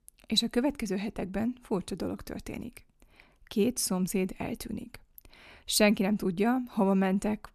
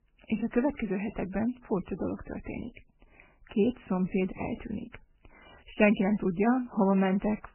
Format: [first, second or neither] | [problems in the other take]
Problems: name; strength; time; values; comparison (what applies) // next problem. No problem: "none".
first | garbled, watery; badly; nothing above 2.5 kHz